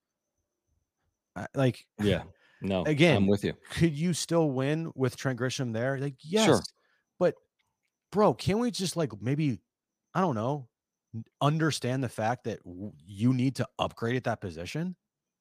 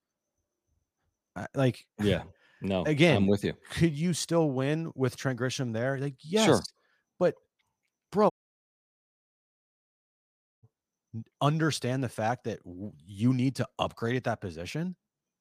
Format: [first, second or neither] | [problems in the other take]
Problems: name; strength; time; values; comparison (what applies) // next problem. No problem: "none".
first | audio cutting out; at 8.5 s for 2.5 s